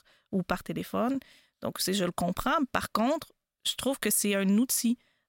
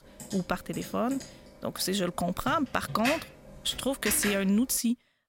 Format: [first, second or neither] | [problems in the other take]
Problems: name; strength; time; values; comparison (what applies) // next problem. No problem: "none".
first | keyboard typing; noticeable; until 4.5 s; peak 2 dB below the speech